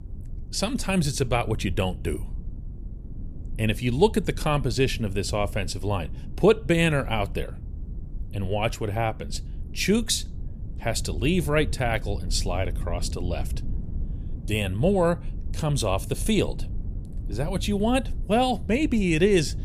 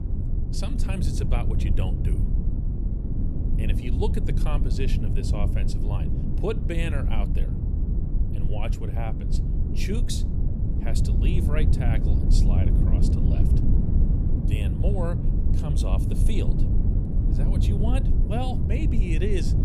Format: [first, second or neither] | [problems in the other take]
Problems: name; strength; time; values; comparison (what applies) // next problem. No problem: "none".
first | low rumble; loud; throughout; 2 dB below the speech; faint in the first